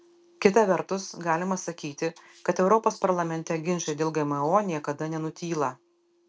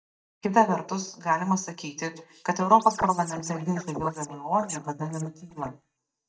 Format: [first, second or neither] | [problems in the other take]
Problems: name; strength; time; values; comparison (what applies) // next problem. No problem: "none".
first | noise reduction (neural mask model DeepFilterNet 3)